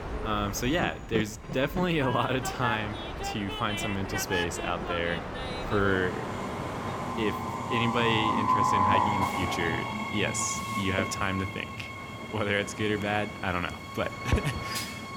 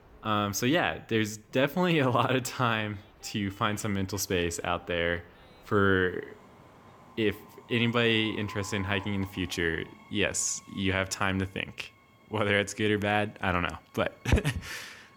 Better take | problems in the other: second | train or aircraft noise; loud; throughout; 2 dB below the speech; faint in the second

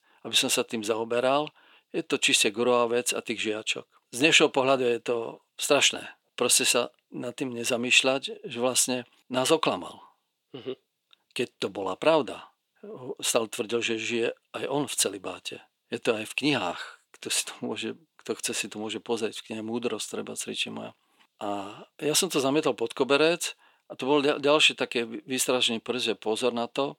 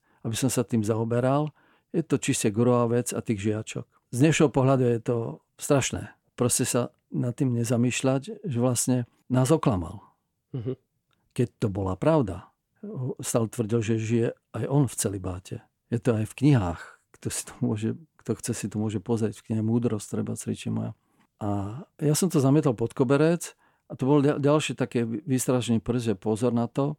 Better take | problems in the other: second | thin; somewhat; fading below 400 Hz

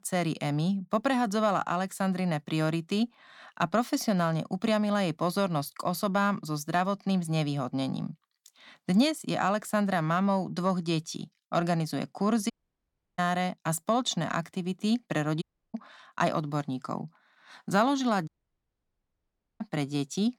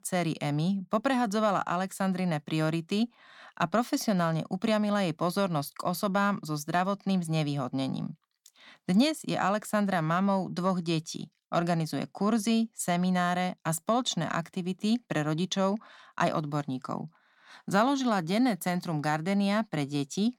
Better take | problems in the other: second | audio cutting out; at 13 s for 0.5 s, at 15 s and at 18 s for 1.5 s

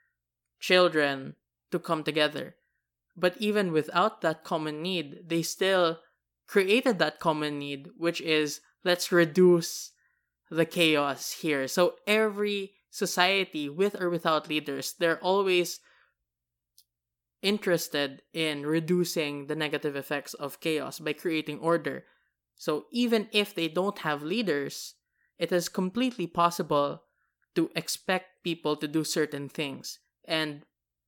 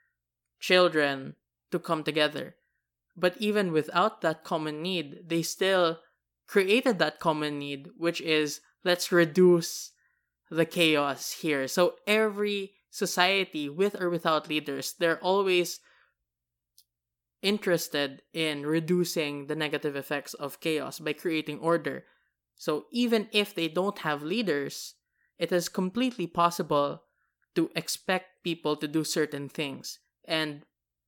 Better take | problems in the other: neither | none

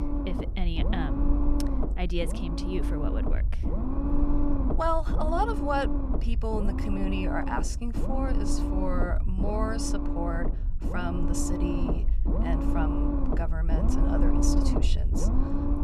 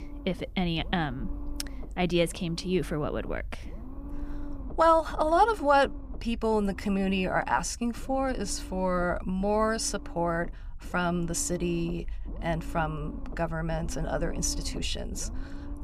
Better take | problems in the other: second | low rumble; loud; throughout; 3 dB below the speech; faint in the second

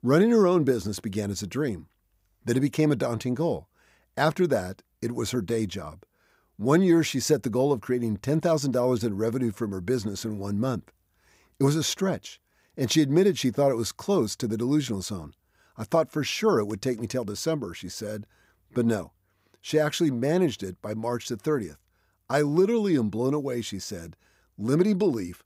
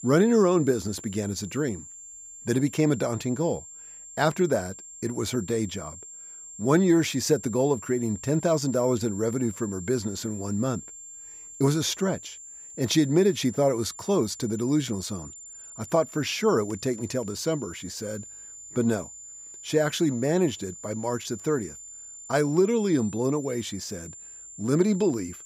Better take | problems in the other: first | high-pitched whine; noticeable; throughout; 7.5 kHz, 15 dB below the speech

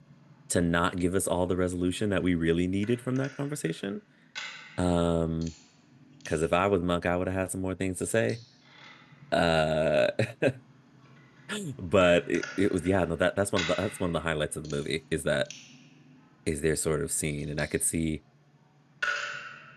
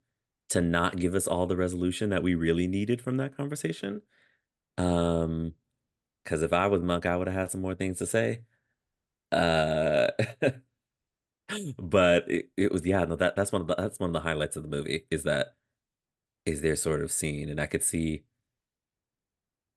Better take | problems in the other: second | household noises; noticeable; throughout; 10 dB below the speech

